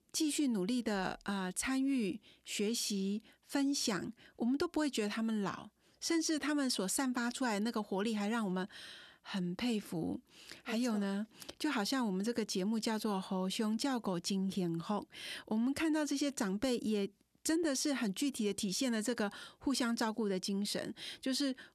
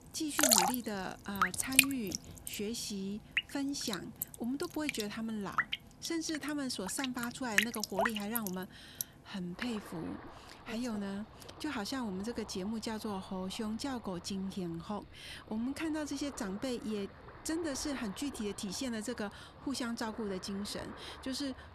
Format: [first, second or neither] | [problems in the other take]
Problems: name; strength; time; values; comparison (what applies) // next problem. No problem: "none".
first | rain or running water; very loud; throughout; 5 dB above the speech